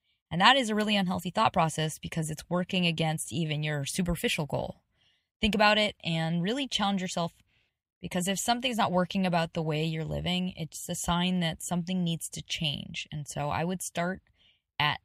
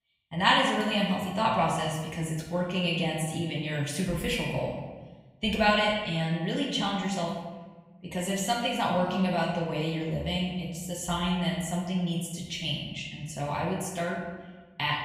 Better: first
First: none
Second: room echo; noticeable; dies away in 1.1 s // off-mic speech; far

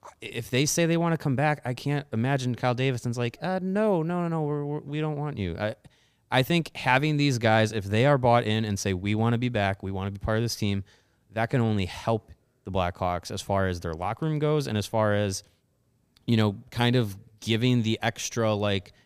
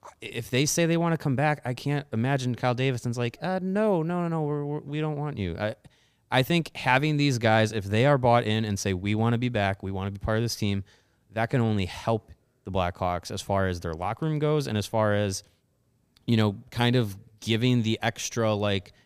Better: neither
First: none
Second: none

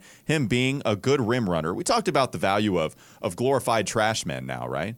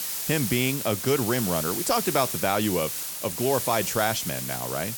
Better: first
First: none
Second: hiss; loud; throughout; 3 dB below the speech

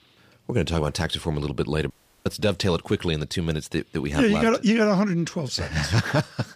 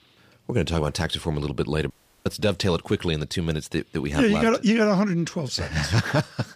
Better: neither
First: audio cutting out; at 2 s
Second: audio cutting out; at 2 s

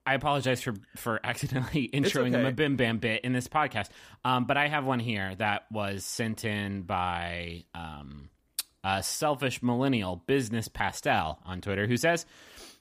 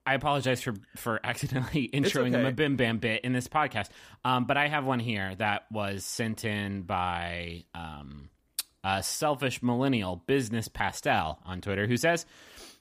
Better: neither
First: none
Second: none

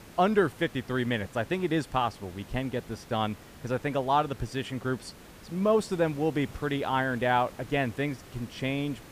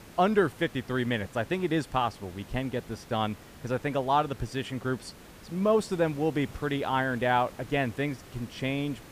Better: neither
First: hiss; noticeable; throughout; 20 dB below the speech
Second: hiss; noticeable; throughout; 20 dB below the speech

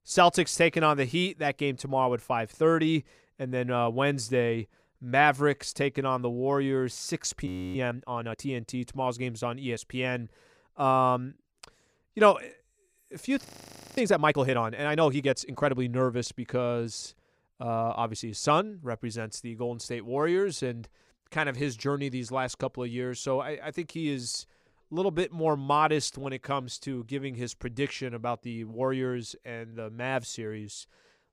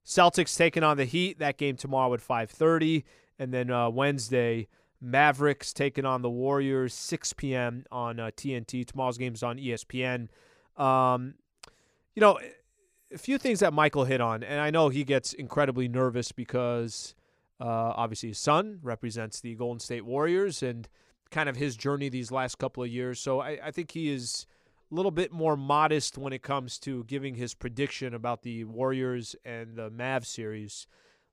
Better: second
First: audio freezing; at 7.5 s and at 13 s for 0.5 s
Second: none

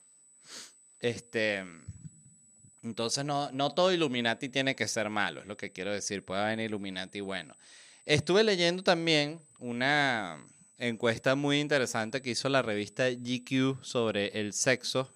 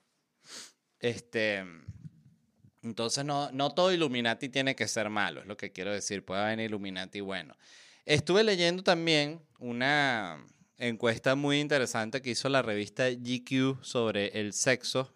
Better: second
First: high-pitched whine; faint; throughout; 8 kHz, 30 dB below the speech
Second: none

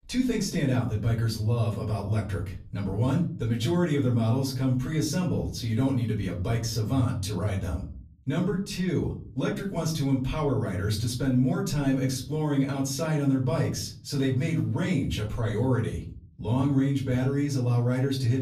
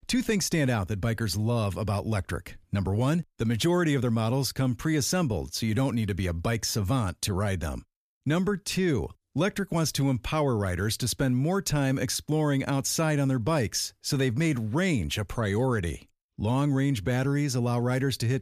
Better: second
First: room echo; slight; dies away in 0.7 s // off-mic speech; far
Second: none

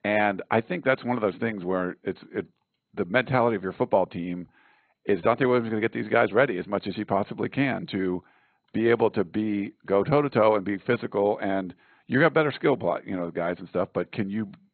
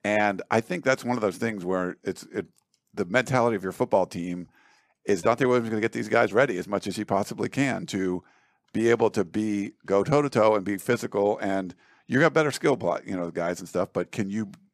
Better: second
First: garbled, watery; badly; nothing above 4 kHz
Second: none

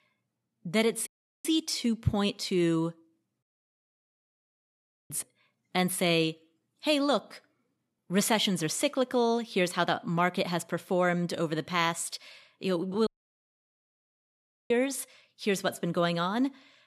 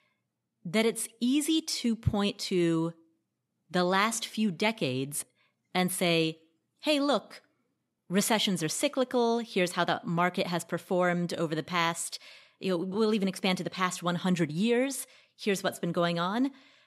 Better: second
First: audio cutting out; at 1 s, at 3.5 s for 1.5 s and at 13 s for 1.5 s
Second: none

